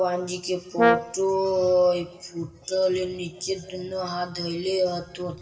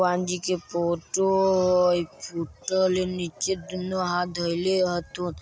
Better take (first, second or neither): second